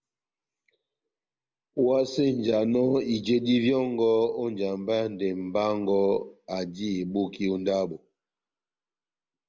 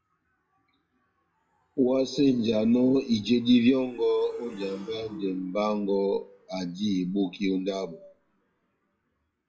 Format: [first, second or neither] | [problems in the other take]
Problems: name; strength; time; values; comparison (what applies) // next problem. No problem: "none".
first | noise reduction (classical method WPE with log-MMSE)